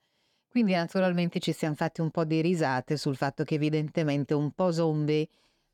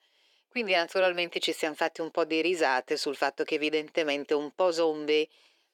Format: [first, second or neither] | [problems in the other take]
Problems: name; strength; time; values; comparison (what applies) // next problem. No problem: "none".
first | thin; very; fading below 400 Hz